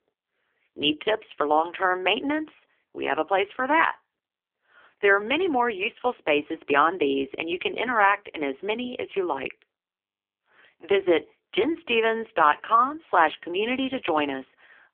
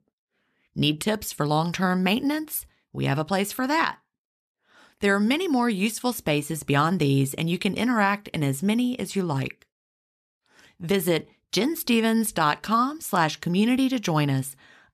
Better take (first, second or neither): second